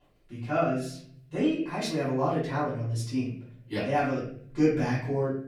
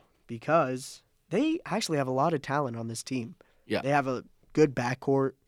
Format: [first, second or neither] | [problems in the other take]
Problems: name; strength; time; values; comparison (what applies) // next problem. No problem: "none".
second | off-mic speech; far // room echo; noticeable; dies away in 0.7 s